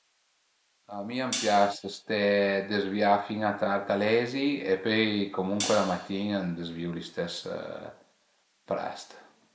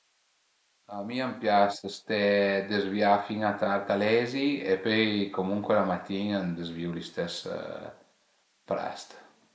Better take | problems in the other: second | background sound (Hi-hat); 11 dB below the speech

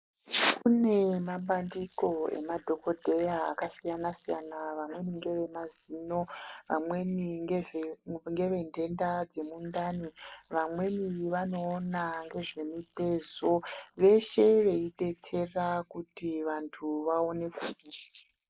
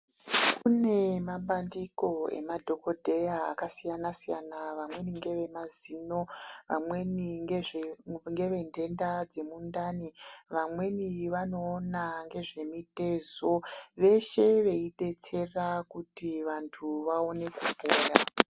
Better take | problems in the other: second | noise reduction (neural mask model Resemble Enhance denoiser)

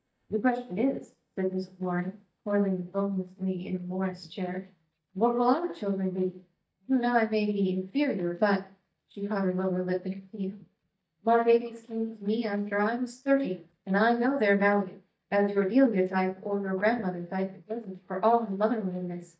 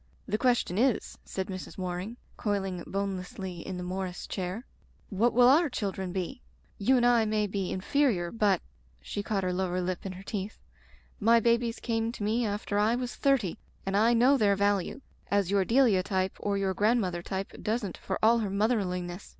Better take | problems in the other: second | noise reduction (neural mask model DeepFilterNet 3)

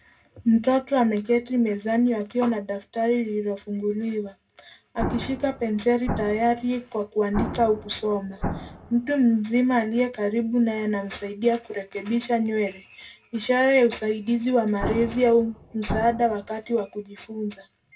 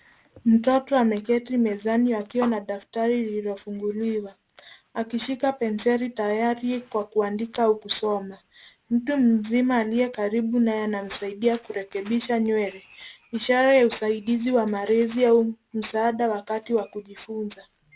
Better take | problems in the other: second | background sound (Explosion); 9 dB below the speech // room echo; dies away in 0.2 s

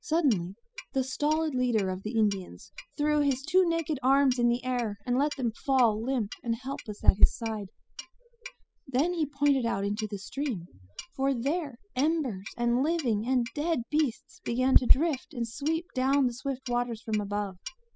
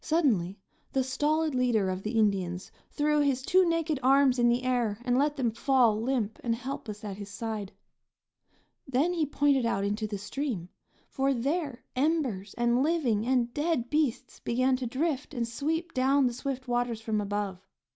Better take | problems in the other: second | noise reduction (classical method spectral subtraction)

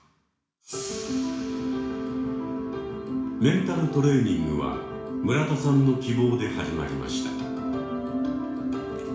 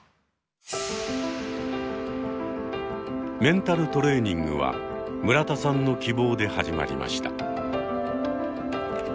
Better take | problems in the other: second | room echo; dies away in 0.7 s

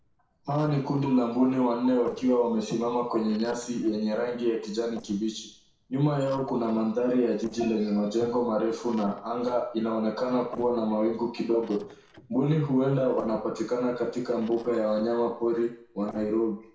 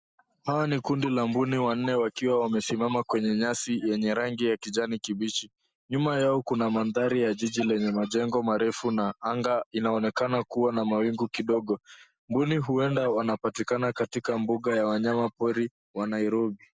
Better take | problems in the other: second | noise reduction (neural separator model SepFormer DNS4)

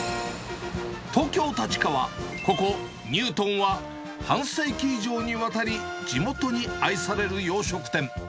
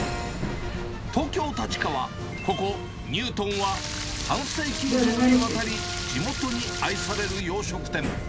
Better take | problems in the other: first | background sound (Subway, metro, underground + Stream); as loud as the speech

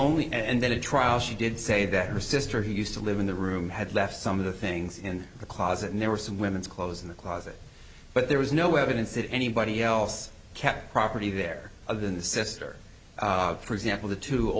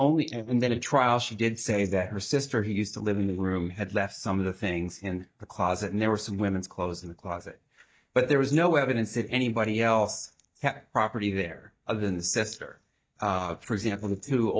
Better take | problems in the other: first | noise reduction (neural mask model DeepFilterNet 3)

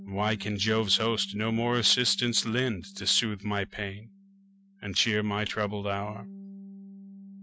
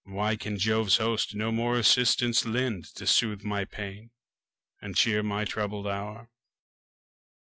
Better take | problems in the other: second | noise reduction (neural mask model RNNoise)

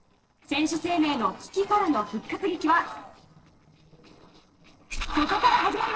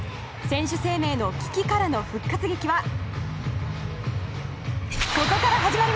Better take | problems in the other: second | noise reduction (neural separator model SepFormer DNS4)

